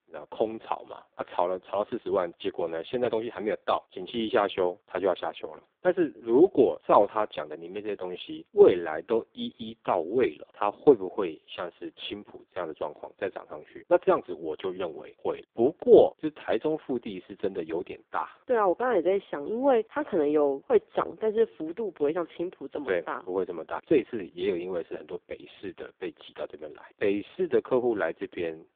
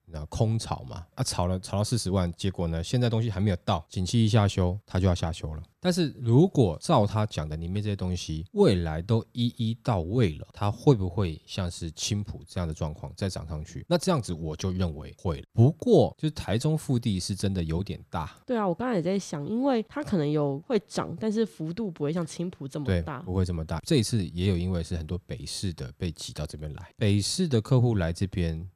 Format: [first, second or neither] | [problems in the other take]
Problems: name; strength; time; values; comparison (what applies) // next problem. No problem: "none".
second | phone-call audio; poor line